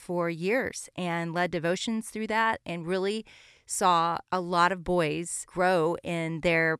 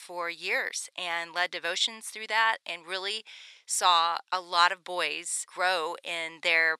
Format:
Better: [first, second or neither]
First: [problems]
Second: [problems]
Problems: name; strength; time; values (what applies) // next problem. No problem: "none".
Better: first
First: none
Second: thin; very; fading below 800 Hz